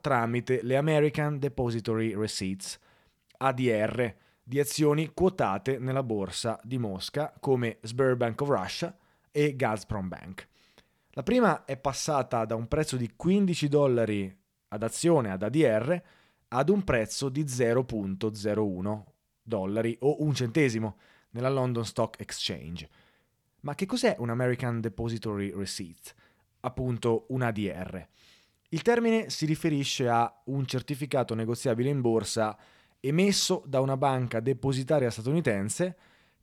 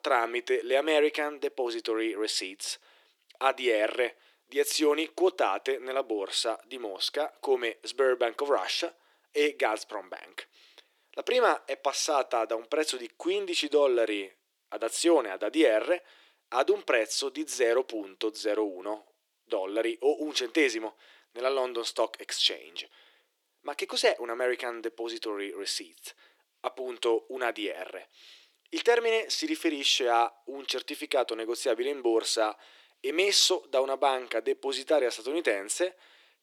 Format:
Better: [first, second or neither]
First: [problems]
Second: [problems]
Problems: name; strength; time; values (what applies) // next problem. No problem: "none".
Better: first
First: none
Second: thin; very; fading below 300 Hz